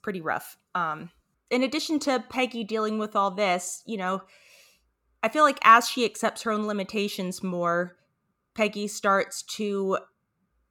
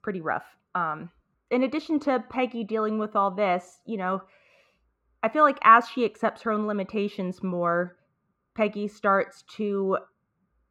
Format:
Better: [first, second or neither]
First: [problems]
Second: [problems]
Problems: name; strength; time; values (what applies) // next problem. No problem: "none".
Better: first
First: none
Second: muffled; very; fading above 3.5 kHz